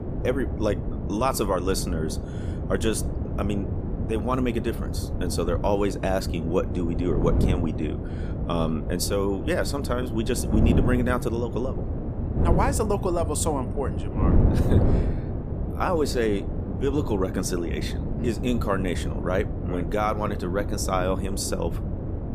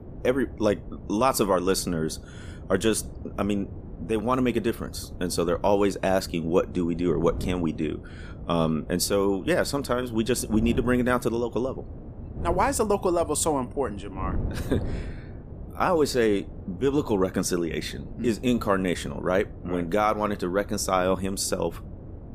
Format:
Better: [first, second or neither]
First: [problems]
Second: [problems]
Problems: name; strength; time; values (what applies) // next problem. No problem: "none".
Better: second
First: wind noise on the microphone; heavy; 8 dB below the speech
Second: wind noise on the microphone; occasional gusts; 20 dB below the speech